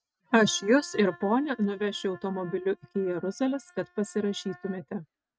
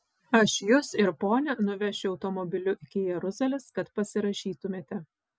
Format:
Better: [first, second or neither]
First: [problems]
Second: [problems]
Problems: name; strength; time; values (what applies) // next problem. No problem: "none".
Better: second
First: noise reduction (neural mask model RNNoise)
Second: none